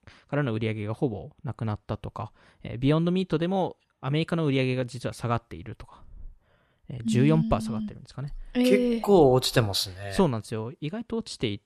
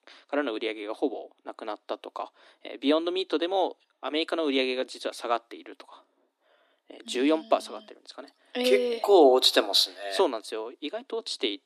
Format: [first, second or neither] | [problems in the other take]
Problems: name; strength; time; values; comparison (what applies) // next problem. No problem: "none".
first | thin; somewhat; fading below 250 Hz